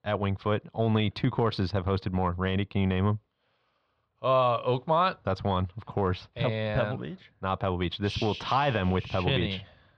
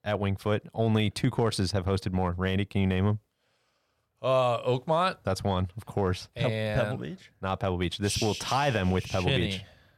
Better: second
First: muffled; slightly; fading above 4 kHz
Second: none

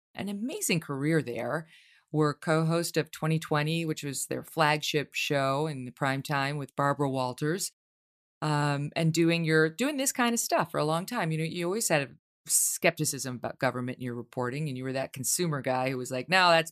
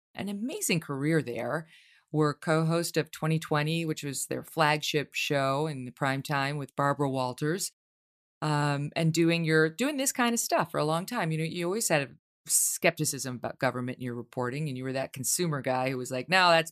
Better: neither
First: none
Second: none

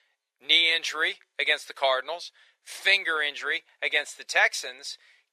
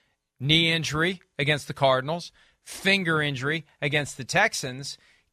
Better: second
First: thin; very; fading below 450 Hz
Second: none

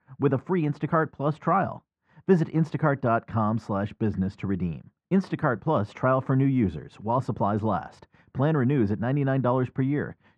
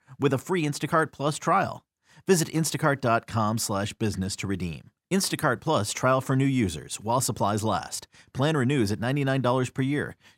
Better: second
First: muffled; very; fading above 1.5 kHz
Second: none

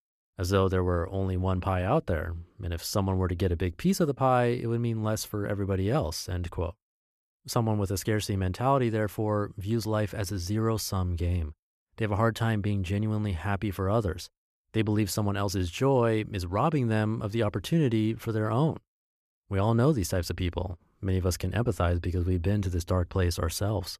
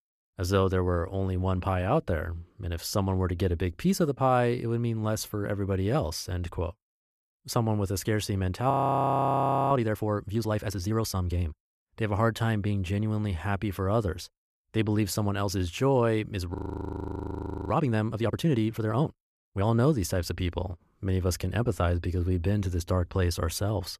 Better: first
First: none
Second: audio freezing; at 8.5 s for 1 s and at 17 s for 1 s

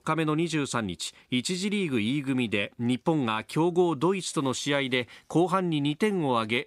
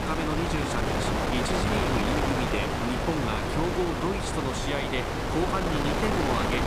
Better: first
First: none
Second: wind noise on the microphone; heavy; 4 dB above the speech

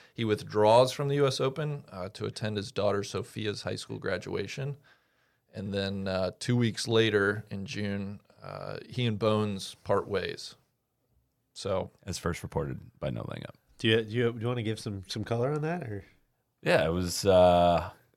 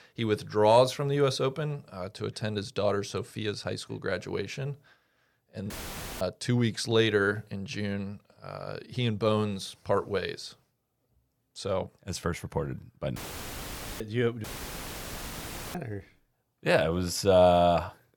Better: first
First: none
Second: audio cutting out; filled with static; at 5.5 s for 0.5 s, at 13 s for 1 s and at 14 s for 1.5 s

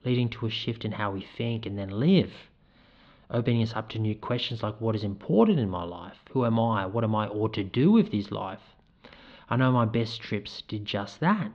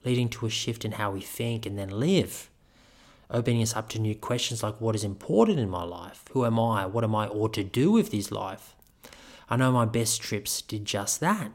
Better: second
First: muffled; slightly; fading above 4 kHz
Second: none

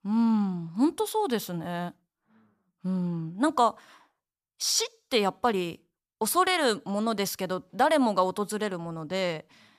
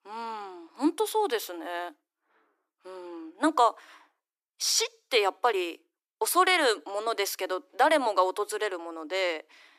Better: first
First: none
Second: thin; somewhat; fading below 300 Hz

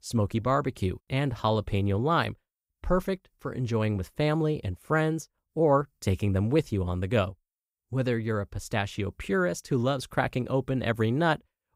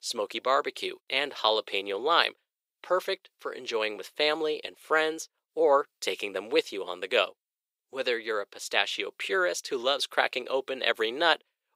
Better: first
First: none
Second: thin; very; fading below 400 Hz

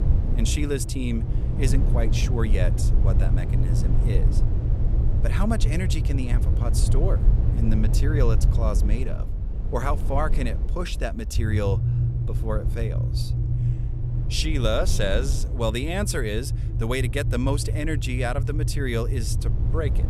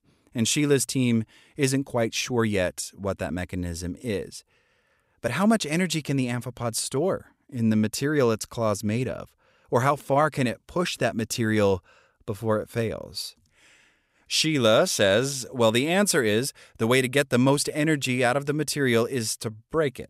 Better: second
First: low rumble; loud; throughout; 8 dB below the speech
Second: none

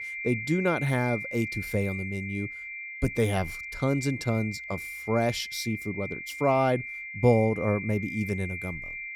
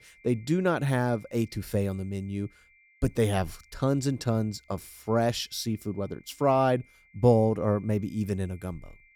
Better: second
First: high-pitched whine; loud; throughout; 2 kHz, 7 dB below the speech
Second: high-pitched whine; faint; throughout; 2 kHz, 30 dB below the speech

